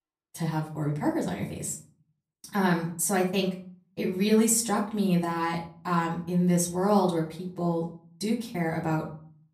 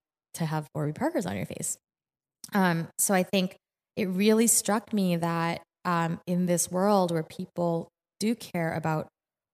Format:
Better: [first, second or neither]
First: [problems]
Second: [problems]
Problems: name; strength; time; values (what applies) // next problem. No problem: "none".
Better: second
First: off-mic speech; far // room echo; slight; dies away in 0.4 s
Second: none